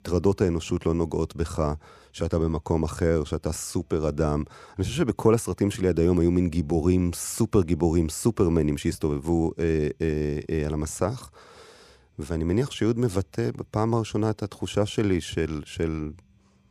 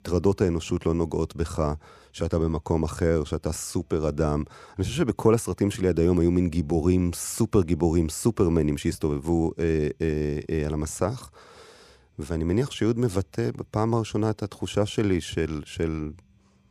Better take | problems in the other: neither | none

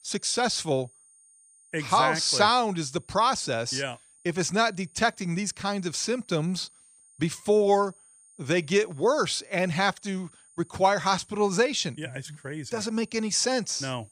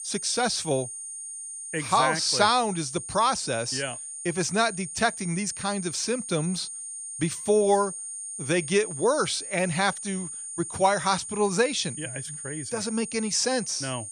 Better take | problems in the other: first | high-pitched whine; loud; throughout; 9 kHz, 8 dB below the speech; faint in the first

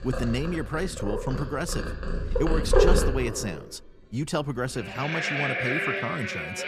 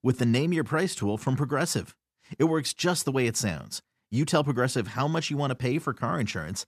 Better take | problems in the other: second | animal sounds; very loud; throughout; 2 dB above the speech

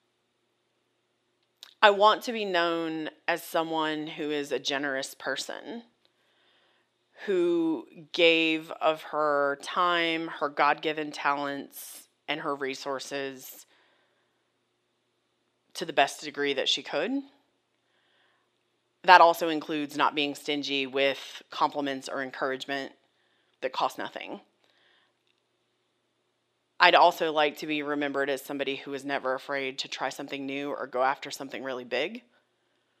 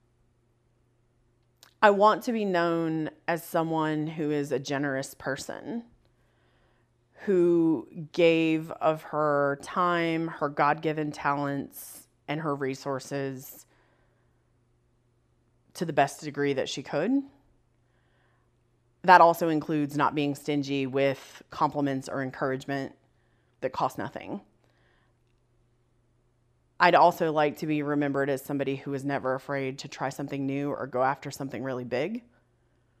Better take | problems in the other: second | thin; very slightly; fading below 300 Hz

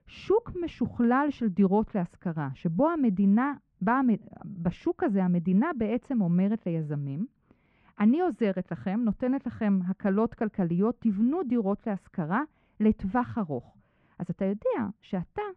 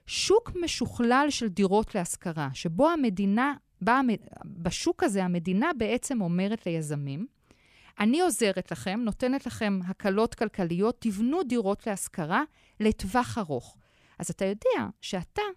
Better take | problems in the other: second | muffled; very; fading above 1.5 kHz

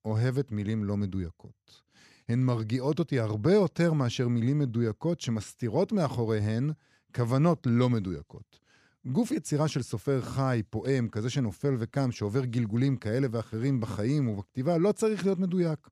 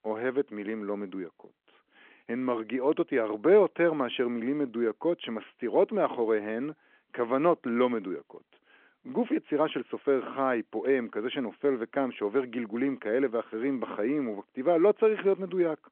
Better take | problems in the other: first | phone-call audio

